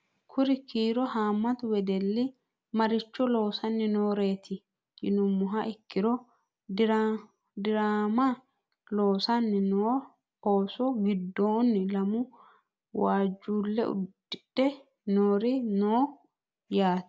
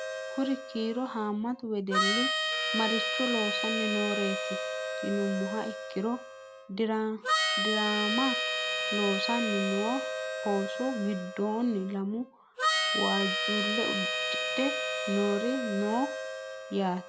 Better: first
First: none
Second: background sound (Harmonica); as loud as the speech

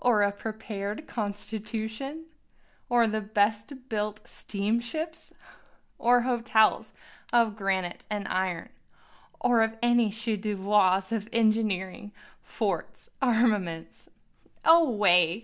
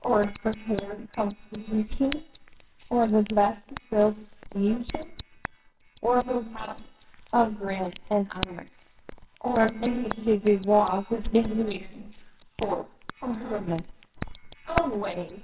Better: first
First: none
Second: noise reduction (neural separator model SepFormer WHAMR!)

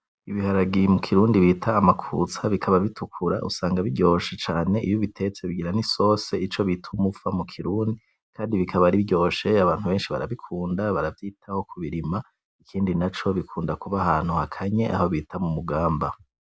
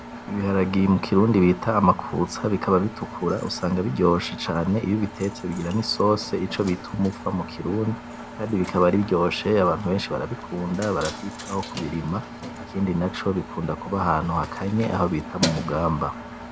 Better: first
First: none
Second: background sound (Engine + Keys jangling); 12 dB below the speech

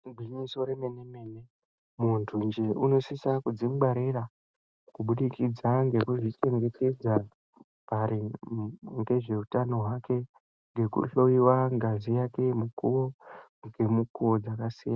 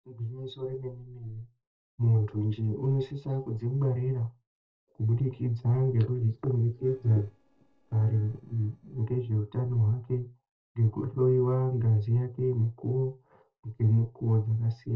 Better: first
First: none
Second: noise reduction (neural separator model SepFormer DNS4)

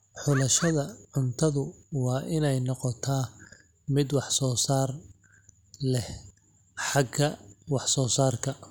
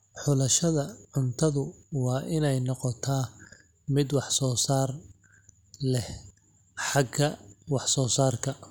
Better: second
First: background sound (Bird); 10 dB below the speech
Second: none

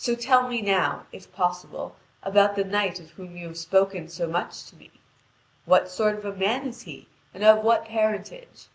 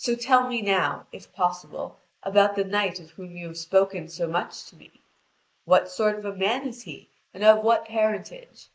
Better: first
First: none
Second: noise reduction (neural mask model Resemble Enhance denoiser)

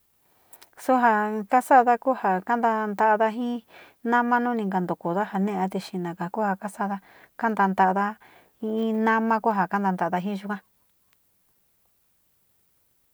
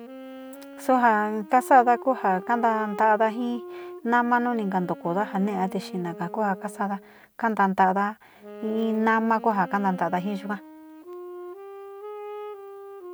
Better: first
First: none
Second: background sound (Wind instrument, woodwind instrument); 15 dB below the speech

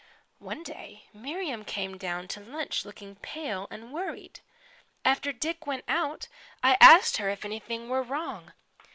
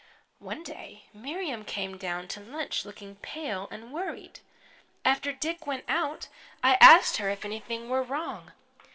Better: first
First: none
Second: room echo; dies away in 1.1 s

